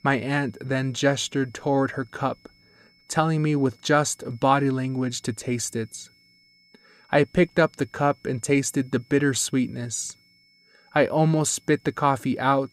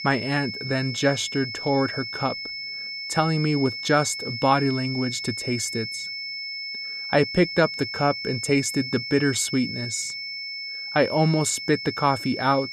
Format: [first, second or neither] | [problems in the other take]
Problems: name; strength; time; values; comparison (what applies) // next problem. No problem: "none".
first | high-pitched whine; loud; throughout; 2 kHz, 6 dB below the speech; faint in the first